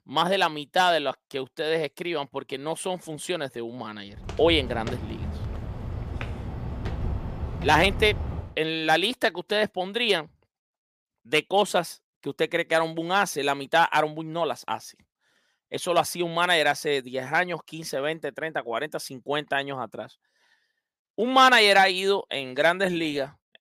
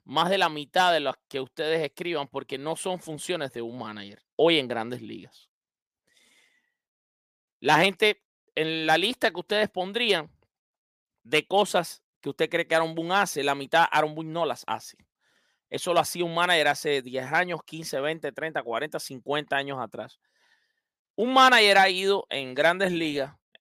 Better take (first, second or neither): second